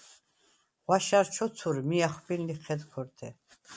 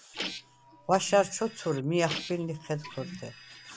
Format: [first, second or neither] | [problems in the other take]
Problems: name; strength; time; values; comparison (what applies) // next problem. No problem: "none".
first | background sound (Printer); 11 dB below the speech